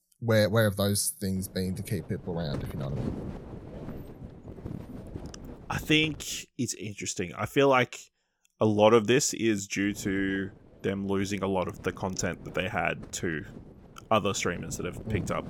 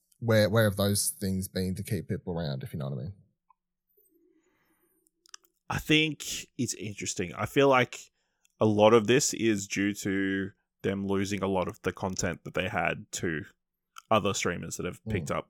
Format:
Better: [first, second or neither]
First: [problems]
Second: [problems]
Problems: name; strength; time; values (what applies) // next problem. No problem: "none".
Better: second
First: wind noise on the microphone; occasional gusts; from 1.5 to 6 s and from 10 s on; 20 dB below the speech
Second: none